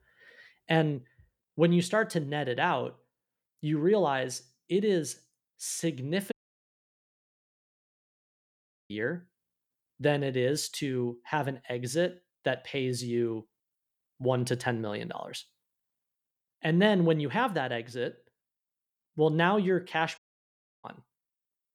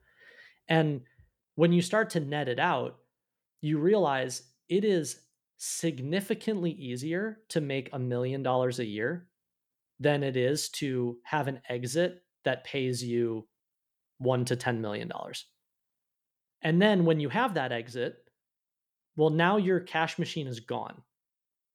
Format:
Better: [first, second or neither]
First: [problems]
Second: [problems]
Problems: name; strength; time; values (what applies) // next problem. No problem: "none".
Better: second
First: audio cutting out; at 6.5 s for 2.5 s and at 20 s for 0.5 s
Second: none